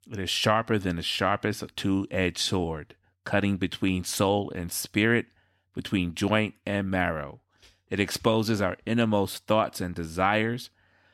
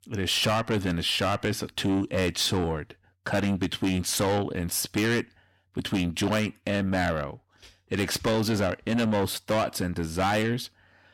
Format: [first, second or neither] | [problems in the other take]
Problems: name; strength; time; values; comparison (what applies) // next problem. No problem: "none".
first | distortion; heavy; 7 dB below the speech